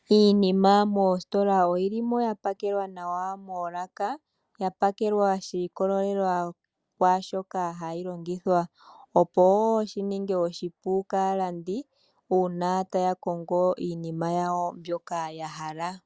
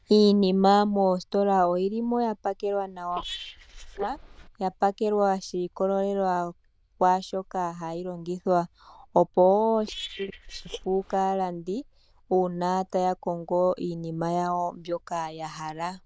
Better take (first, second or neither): first